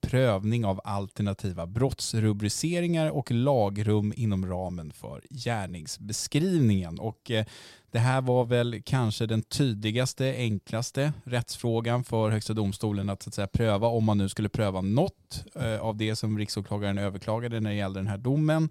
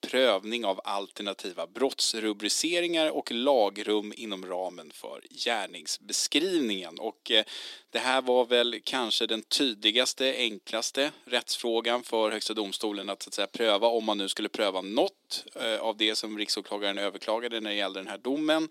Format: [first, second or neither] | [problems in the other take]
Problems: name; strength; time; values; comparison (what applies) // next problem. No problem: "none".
first | thin; somewhat; fading below 250 Hz